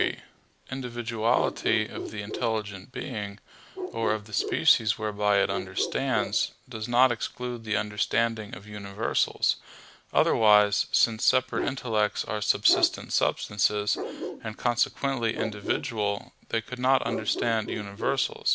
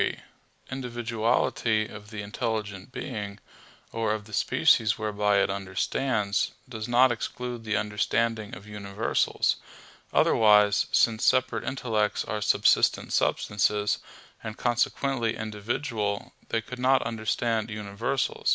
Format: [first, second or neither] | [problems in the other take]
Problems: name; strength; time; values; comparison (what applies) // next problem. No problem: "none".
second | background sound (Bark); 11 dB below the speech